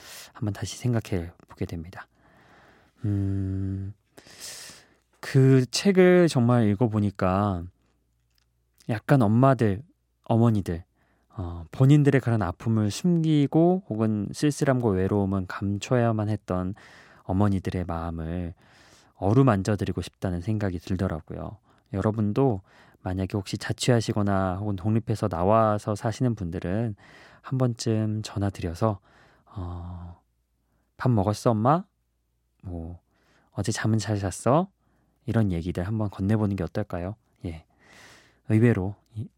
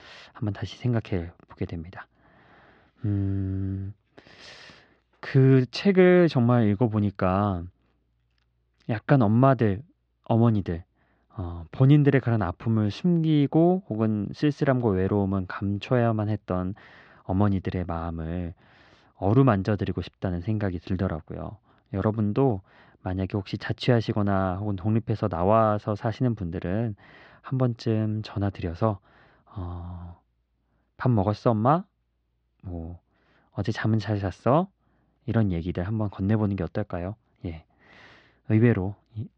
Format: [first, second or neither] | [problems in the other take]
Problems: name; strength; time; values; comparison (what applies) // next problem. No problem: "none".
first | muffled; very slightly; fading above 4 kHz